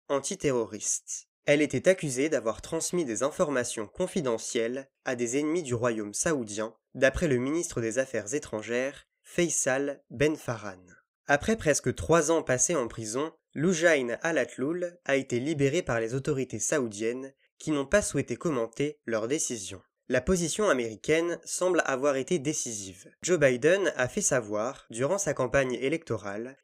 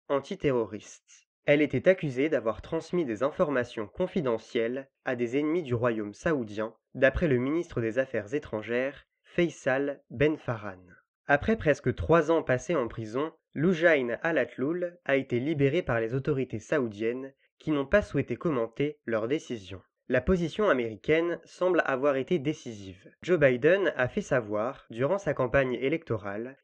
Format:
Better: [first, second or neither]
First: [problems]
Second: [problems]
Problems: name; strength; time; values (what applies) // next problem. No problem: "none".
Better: first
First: none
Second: muffled; very; fading above 3 kHz